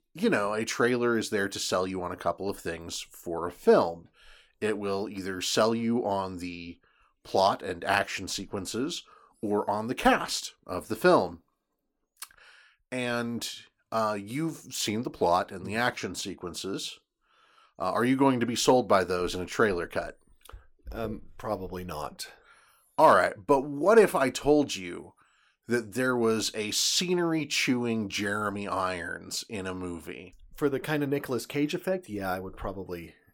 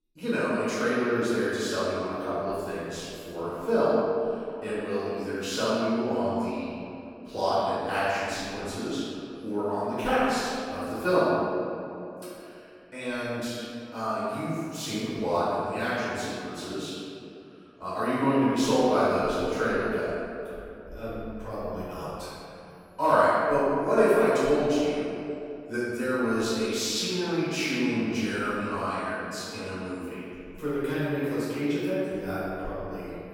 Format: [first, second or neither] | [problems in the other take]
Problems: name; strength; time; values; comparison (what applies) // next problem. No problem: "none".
first | off-mic speech; far // room echo; strong; dies away in 2.4 s